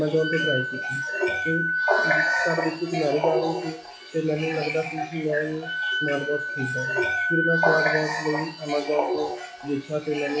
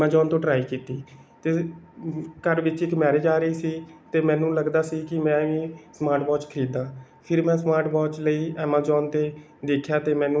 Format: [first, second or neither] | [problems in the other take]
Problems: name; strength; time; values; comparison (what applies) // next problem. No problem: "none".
second | noise reduction (classical method log-MMSE)